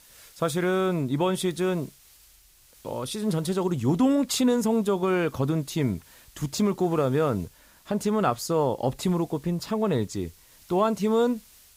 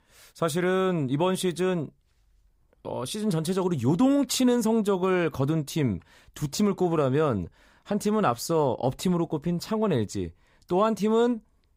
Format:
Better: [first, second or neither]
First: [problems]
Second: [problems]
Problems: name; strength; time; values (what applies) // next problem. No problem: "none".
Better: second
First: hiss; faint; throughout; 25 dB below the speech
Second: none